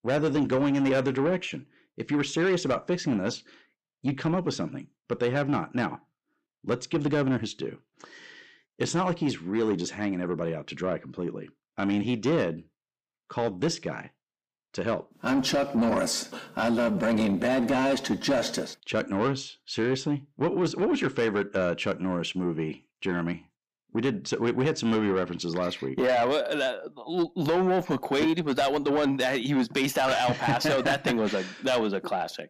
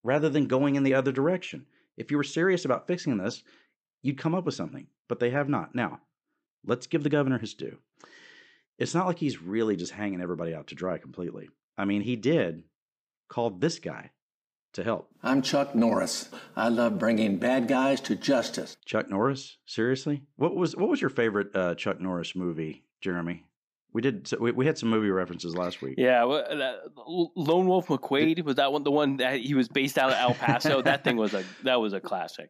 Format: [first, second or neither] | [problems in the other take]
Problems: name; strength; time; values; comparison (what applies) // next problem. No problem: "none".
second | distortion; slight; 10 dB below the speech